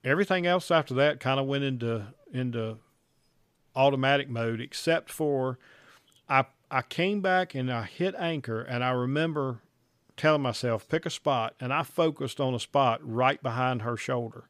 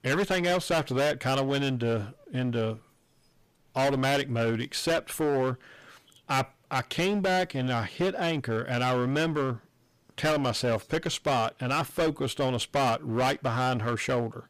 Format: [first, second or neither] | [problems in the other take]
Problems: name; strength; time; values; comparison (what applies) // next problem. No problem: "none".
first | distortion; heavy; 16% of the sound clipped